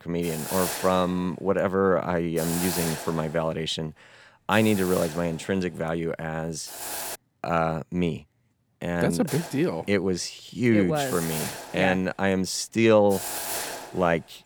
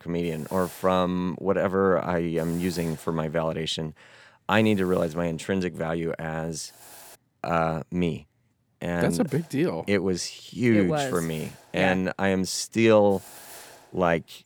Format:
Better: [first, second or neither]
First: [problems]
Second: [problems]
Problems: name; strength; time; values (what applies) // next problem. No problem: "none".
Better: second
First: hiss; loud; until 7 s and from 9.5 s on; 8 dB below the speech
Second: hiss; faint; until 7 s and from 9.5 s on; 20 dB below the speech